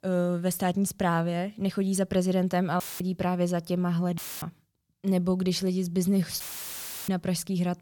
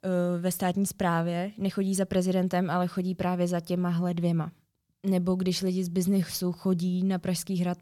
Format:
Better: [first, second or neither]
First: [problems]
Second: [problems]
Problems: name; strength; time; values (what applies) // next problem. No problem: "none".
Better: second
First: audio cutting out; filled with static; at 3 s, at 4 s and at 6.5 s for 0.5 s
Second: none